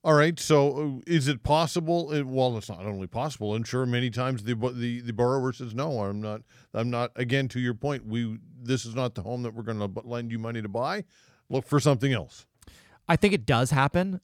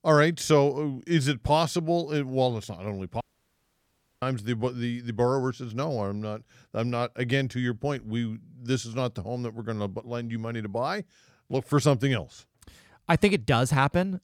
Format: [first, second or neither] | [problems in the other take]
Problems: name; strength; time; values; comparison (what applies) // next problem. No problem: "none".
first | audio cutting out; at 3 s for 1 s